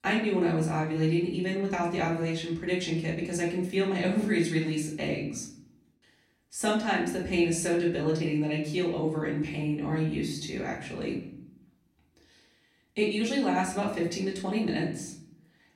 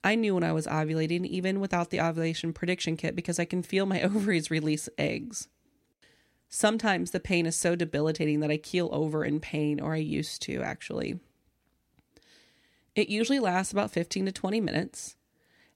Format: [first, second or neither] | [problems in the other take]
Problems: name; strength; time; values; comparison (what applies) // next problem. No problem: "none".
second | room echo; slight; dies away in 0.7 s // off-mic speech; far